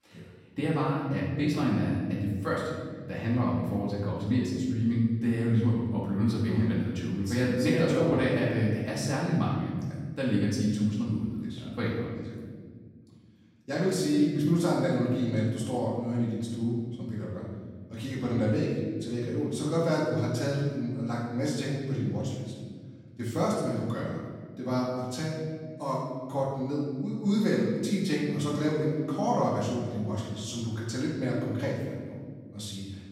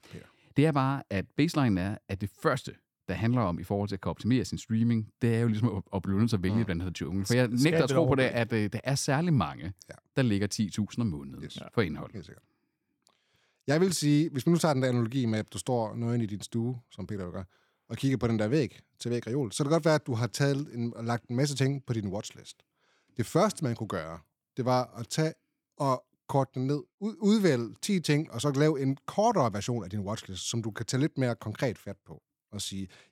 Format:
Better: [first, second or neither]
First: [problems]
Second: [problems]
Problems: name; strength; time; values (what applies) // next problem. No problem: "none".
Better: second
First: off-mic speech; far // room echo; noticeable; dies away in 1.8 s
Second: none